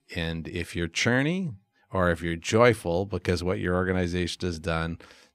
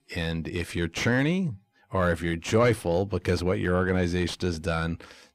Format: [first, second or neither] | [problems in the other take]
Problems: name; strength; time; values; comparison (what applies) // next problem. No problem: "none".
first | distortion; slight; 10 dB below the speech